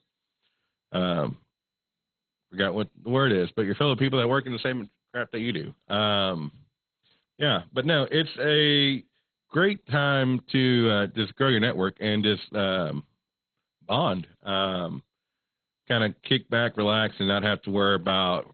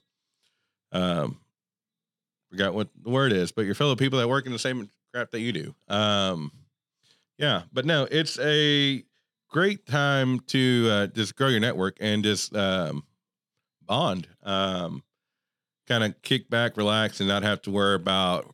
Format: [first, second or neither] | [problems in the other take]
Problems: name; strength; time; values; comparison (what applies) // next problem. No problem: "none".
second | garbled, watery; badly; nothing above 3.5 kHz